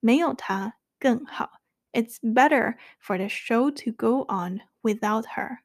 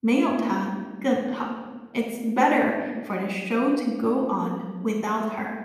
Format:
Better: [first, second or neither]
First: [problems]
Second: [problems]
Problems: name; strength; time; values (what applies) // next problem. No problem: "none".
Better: first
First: none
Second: room echo; noticeable; dies away in 1.2 s // off-mic speech; somewhat distant